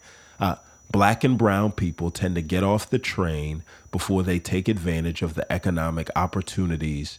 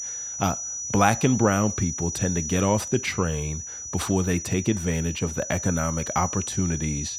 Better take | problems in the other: first | high-pitched whine; loud; throughout; 6 kHz, 6 dB below the speech; faint in the first

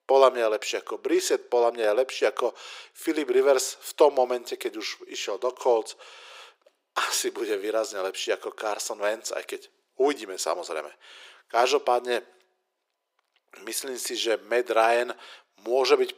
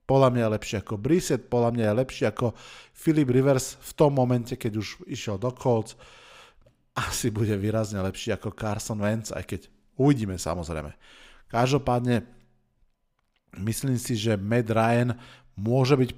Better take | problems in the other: second | thin; very; fading below 350 Hz

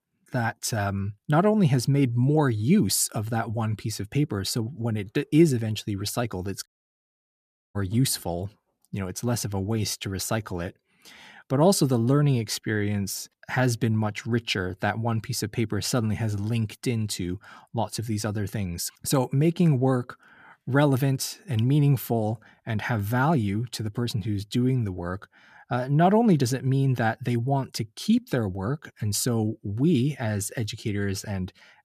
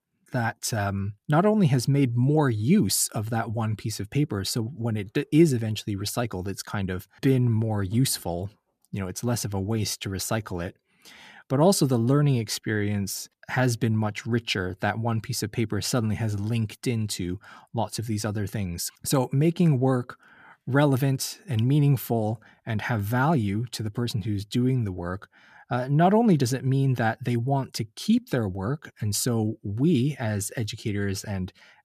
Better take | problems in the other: second | audio cutting out; at 6.5 s for 1 s

